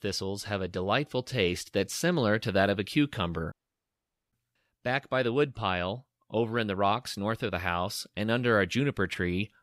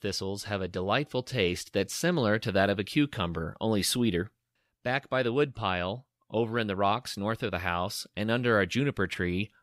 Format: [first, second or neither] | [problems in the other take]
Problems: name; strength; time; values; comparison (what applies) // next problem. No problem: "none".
second | audio cutting out; at 3.5 s for 1 s